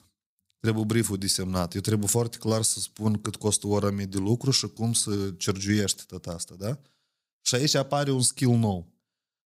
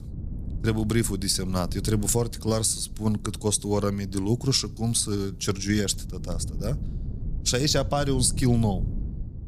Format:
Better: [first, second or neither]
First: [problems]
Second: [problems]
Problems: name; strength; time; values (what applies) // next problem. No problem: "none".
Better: first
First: none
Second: wind noise on the microphone; occasional gusts; 20 dB below the speech